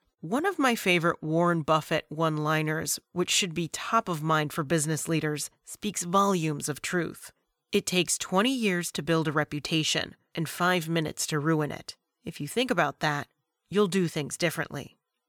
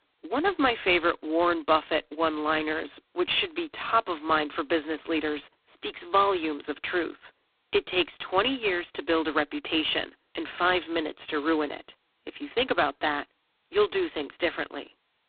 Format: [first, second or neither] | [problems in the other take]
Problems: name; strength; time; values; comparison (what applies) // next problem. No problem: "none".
first | phone-call audio; poor line; nothing above 4 kHz